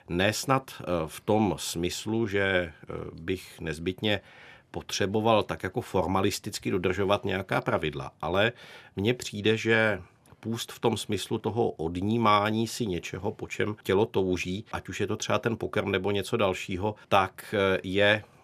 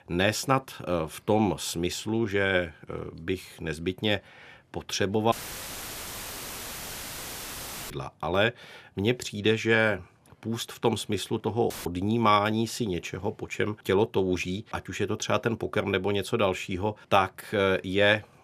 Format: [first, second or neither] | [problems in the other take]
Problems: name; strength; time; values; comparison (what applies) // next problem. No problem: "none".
first | audio cutting out; filled with static; at 5.5 s for 2.5 s and at 12 s